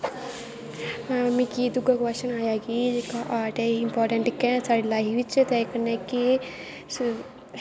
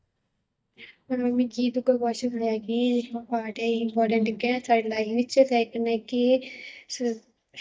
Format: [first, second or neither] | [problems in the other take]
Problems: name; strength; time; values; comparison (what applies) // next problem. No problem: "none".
first | noise reduction (neural mask model DeepFilterNet 3)